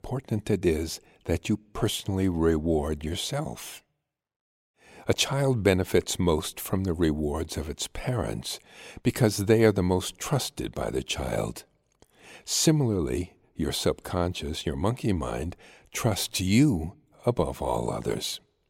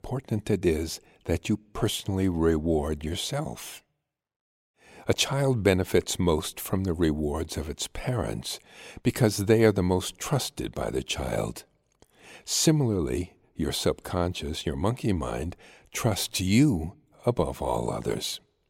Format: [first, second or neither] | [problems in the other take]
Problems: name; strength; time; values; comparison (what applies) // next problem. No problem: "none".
neither | none